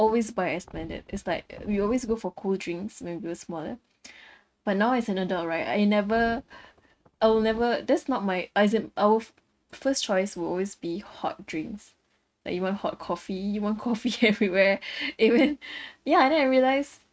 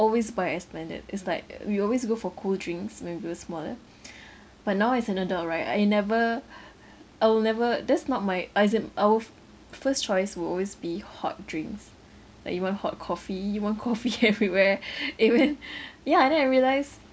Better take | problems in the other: second | noise reduction (neural mask model RNNoise)

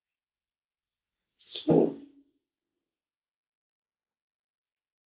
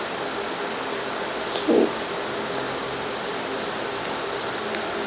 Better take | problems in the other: second | noise reduction (neural mask model Resemble Enhance denoiser)

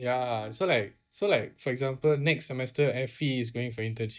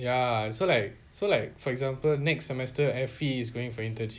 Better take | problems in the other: second | noise reduction (neural mask model DeepFilterNet 3)

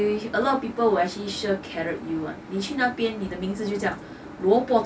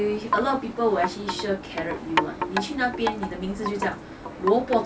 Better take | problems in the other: first | background sound (Wind chime); 5 dB below the speech

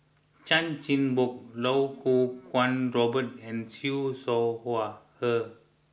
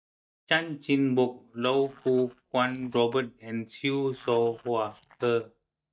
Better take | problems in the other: first | noise reduction (neural mask model DeepFilterNet 3)

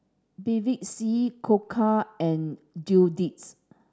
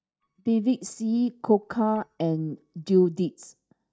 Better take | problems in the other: first | noise reduction (neural mask model DeepFilterNet 3)

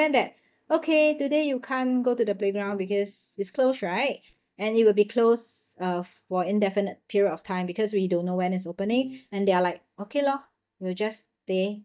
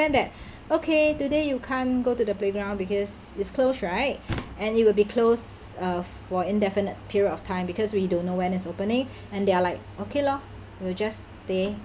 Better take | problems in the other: second | noise reduction (neural mask model DeepFilterNet 3)

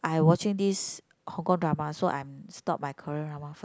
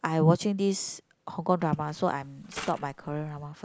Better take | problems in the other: first | background sound (Mechanisms); 18 dB below the speech

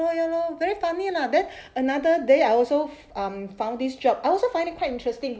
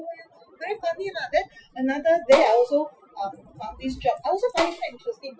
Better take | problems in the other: first | noise reduction (classical method Wiener filter)

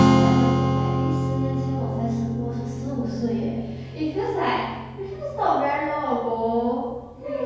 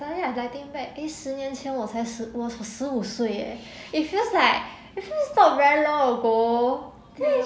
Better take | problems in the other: second | background sound (Strum); 2 dB above the speech // room echo; dies away in 1.3 s

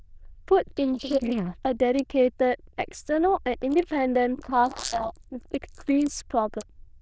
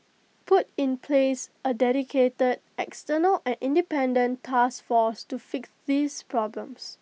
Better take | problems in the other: second | noise reduction (neural diffusion model UNIVERSE++)

